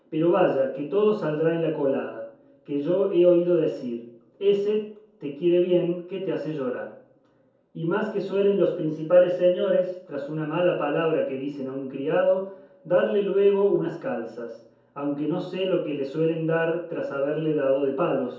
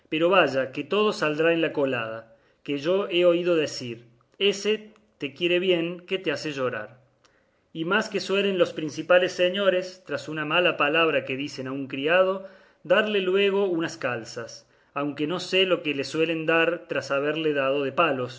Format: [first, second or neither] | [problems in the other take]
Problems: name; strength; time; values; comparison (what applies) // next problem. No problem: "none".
second | room echo; dies away in 0.6 s